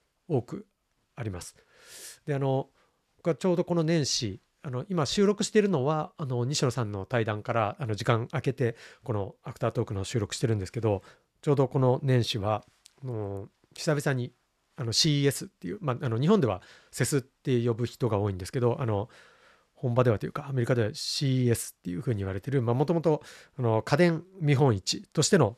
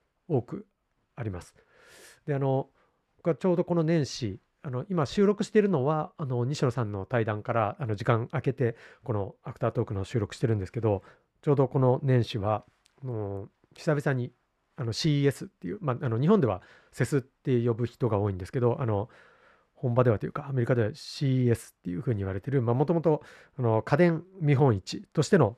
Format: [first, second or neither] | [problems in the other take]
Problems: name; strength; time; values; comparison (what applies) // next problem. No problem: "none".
first | muffled; slightly; fading above 3 kHz